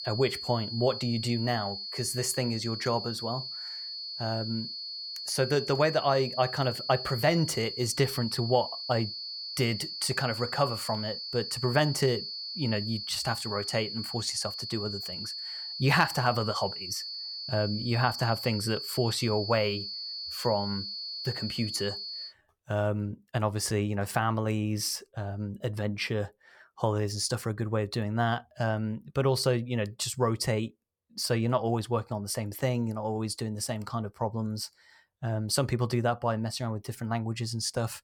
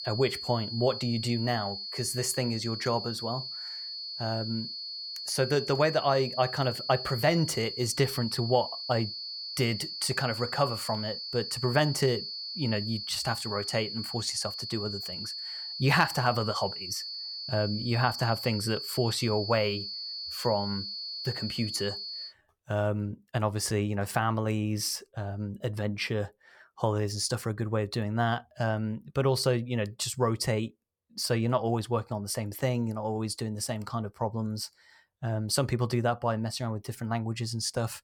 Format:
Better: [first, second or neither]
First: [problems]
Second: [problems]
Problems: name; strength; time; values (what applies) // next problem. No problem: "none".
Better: neither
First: high-pitched whine; loud; until 22 s; 4.5 kHz, 5 dB below the speech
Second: high-pitched whine; loud; until 22 s; 4.5 kHz, 5 dB below the speech